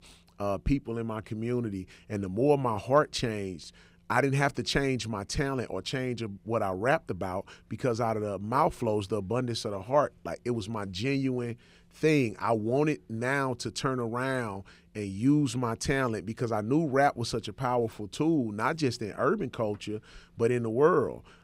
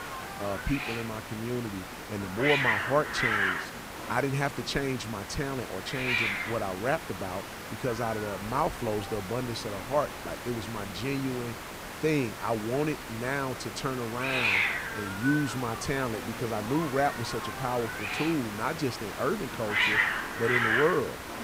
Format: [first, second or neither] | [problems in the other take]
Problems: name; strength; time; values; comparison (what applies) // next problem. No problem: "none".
first | hiss; loud; throughout; as loud as the speech